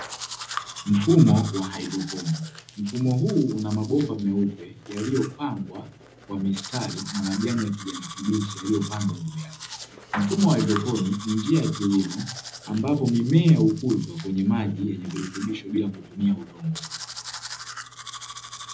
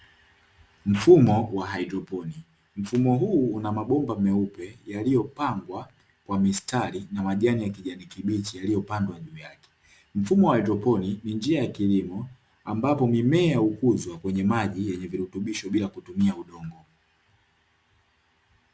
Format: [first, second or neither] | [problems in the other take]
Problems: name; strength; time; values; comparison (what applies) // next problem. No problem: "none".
second | background sound (Domestic sounds, home sounds); 14 dB below the speech // room echo; dies away in 0.4 s